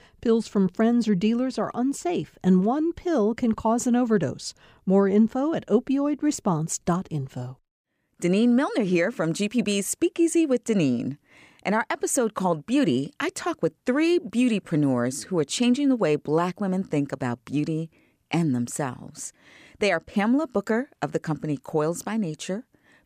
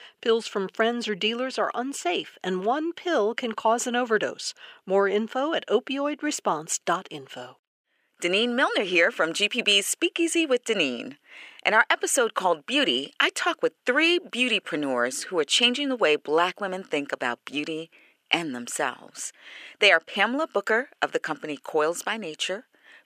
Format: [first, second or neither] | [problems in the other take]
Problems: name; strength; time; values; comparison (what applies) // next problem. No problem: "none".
first | thin; somewhat; fading below 500 Hz